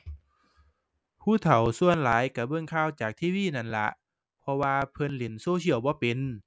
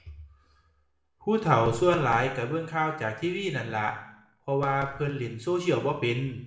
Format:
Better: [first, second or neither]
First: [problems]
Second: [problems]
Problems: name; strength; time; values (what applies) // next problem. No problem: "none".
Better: first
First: none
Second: room echo; dies away in 0.7 s